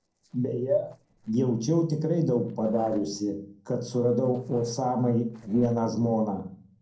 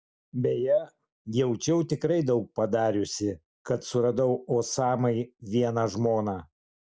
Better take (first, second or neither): second